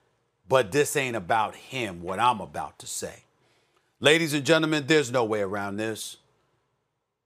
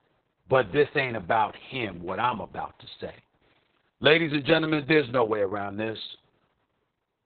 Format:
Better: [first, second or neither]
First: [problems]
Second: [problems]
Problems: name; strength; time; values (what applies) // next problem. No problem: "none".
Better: first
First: none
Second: garbled, watery; badly; nothing above 4 kHz